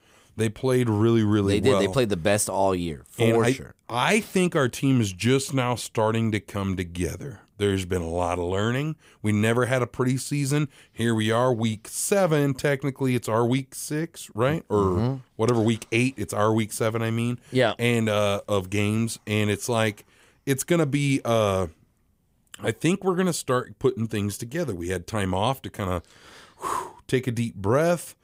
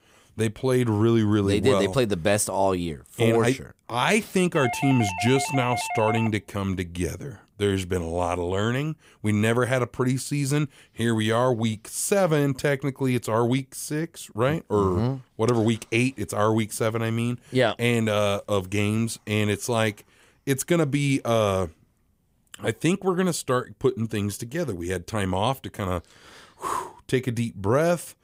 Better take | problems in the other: first | doorbell; noticeable; from 4.5 to 6.5 s; peak 4 dB below the speech

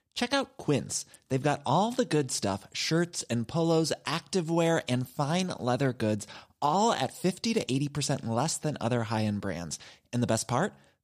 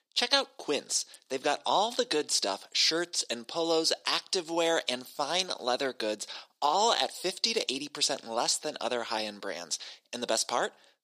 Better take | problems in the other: first | thin; somewhat; fading below 350 Hz

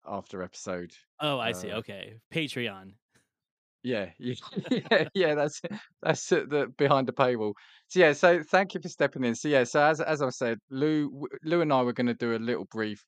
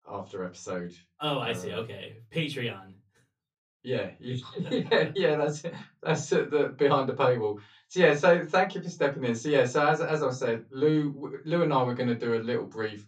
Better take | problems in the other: first | off-mic speech; somewhat distant // room echo; very slight; dies away in 0.2 s

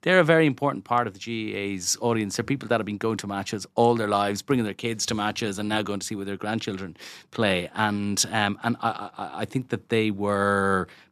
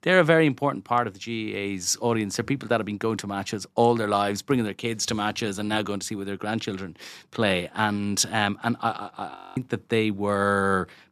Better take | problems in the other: first | audio freezing; at 9.5 s

